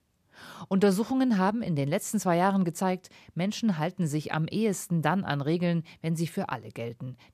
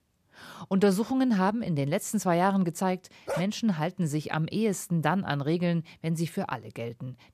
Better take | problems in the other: first | dog barking; noticeable; at 3.5 s; peak 7 dB below the speech

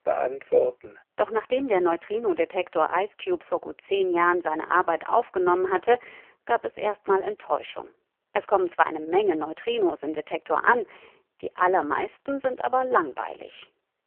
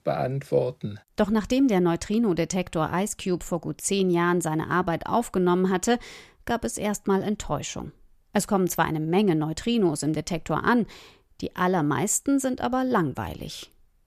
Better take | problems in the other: second | phone-call audio; poor line; nothing above 3 kHz

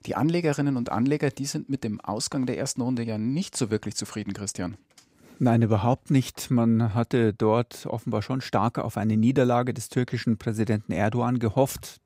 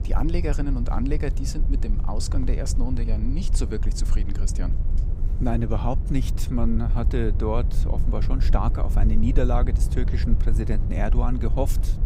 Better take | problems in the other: first | low rumble; noticeable; throughout; 10 dB below the speech

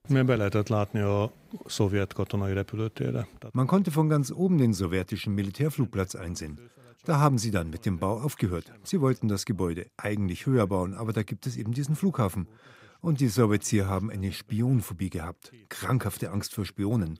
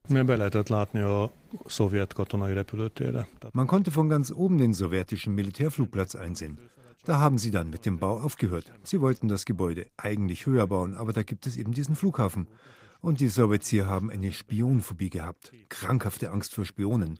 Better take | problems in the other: first | garbled, watery; slightly; nothing above 15.5 kHz

